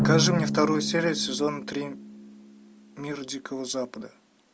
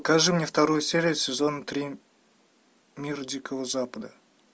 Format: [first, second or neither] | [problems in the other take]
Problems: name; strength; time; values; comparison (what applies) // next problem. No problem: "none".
second | background sound (Drum); 3 dB below the speech